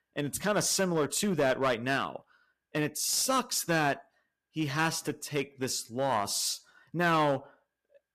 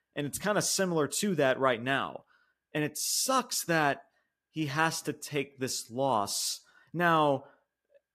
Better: second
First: distortion; slight; 4% of the sound clipped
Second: none

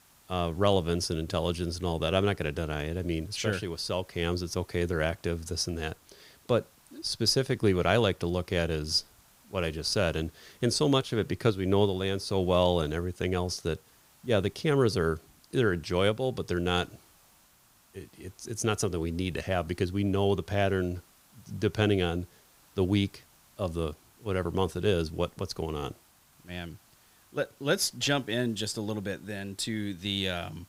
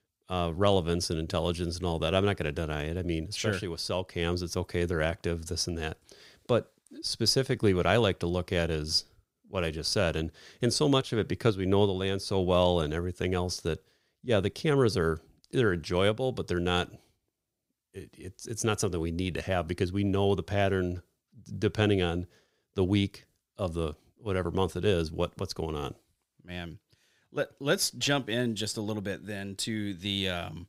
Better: second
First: hiss; faint; throughout; 30 dB below the speech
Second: none

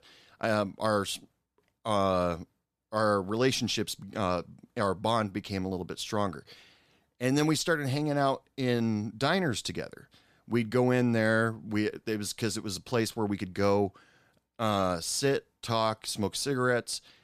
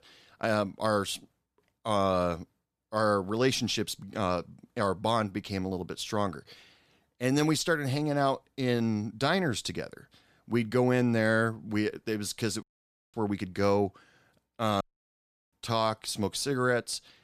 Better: first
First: none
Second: audio cutting out; at 13 s for 0.5 s and at 15 s for 0.5 s

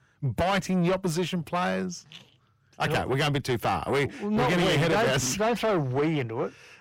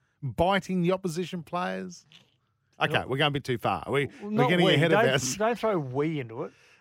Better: second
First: distortion; heavy; 6 dB below the speech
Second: none

